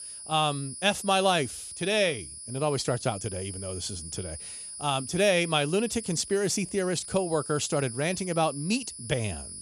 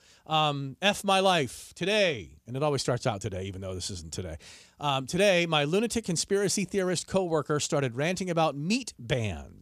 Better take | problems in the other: second | high-pitched whine; noticeable; throughout; 10 kHz, 10 dB below the speech

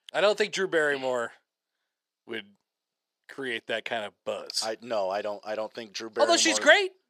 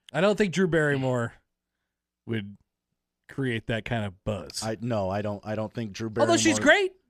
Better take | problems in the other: second | thin; somewhat; fading below 500 Hz

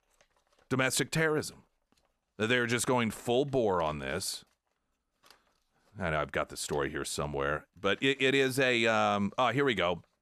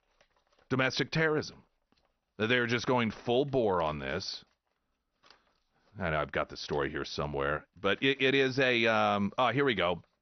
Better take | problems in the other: first | garbled, watery; slightly; nothing above 6 kHz

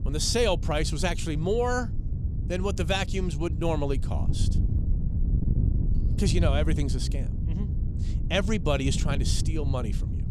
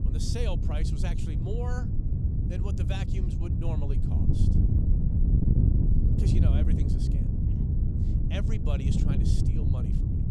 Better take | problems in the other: first | wind noise on the microphone; heavy; 2 dB above the speech; occasional gusts in the first

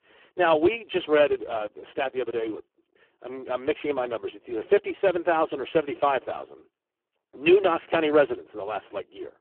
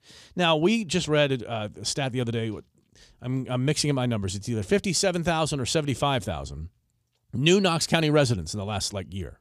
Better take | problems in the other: second | phone-call audio; poor line

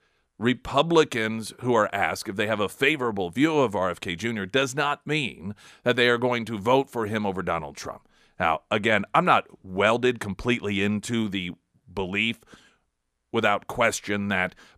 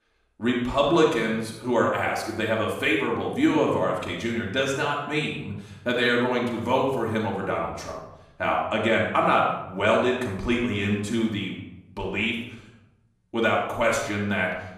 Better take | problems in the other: first | off-mic speech; far // room echo; noticeable; dies away in 0.7 s

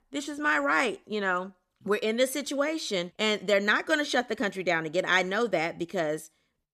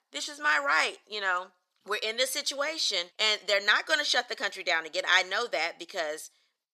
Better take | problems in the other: first | thin; very; fading below 700 Hz

